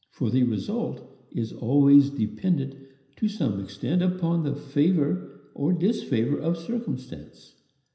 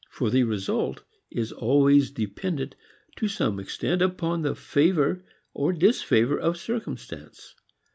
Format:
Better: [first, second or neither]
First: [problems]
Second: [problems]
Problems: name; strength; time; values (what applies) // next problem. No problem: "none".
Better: second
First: room echo; dies away in 0.9 s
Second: none